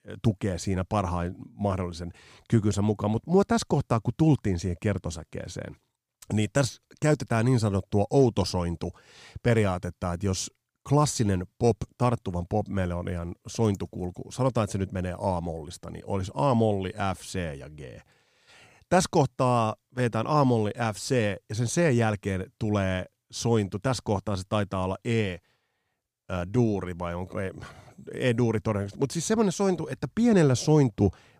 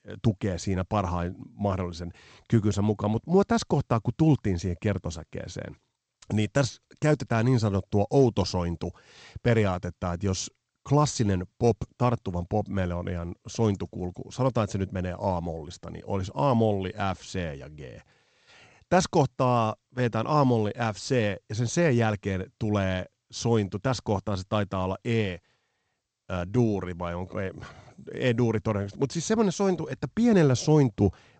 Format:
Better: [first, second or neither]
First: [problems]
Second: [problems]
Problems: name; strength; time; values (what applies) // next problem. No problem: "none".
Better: first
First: none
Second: garbled, watery; slightly; nothing above 8 kHz